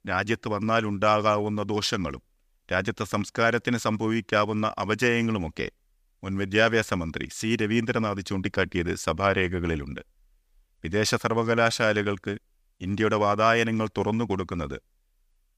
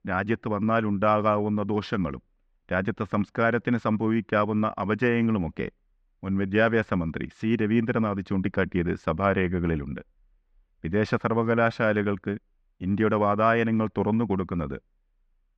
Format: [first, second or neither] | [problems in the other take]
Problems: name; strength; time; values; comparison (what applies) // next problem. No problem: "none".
first | muffled; very; fading above 2 kHz